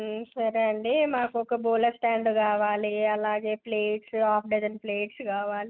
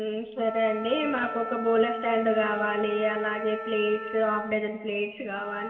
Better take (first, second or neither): first